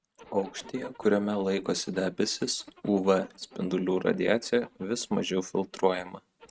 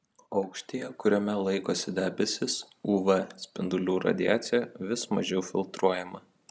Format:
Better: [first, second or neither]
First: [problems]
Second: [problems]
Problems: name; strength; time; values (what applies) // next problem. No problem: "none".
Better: second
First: noise reduction (neural mask model RNNoise)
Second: none